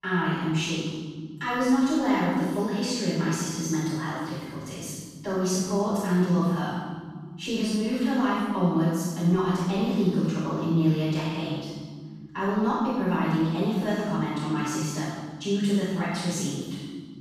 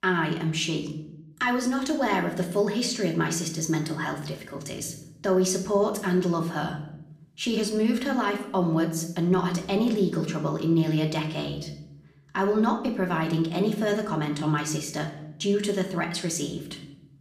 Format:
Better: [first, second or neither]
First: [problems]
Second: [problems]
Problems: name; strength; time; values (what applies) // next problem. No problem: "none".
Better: second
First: room echo; strong; dies away in 1.7 s // off-mic speech; far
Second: room echo; slight; dies away in 0.7 s // off-mic speech; somewhat distant